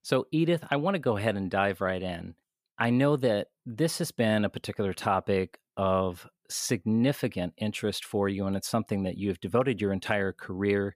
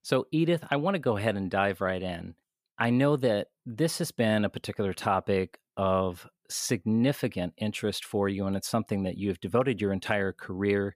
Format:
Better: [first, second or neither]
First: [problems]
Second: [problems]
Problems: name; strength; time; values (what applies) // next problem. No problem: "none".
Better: neither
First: none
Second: none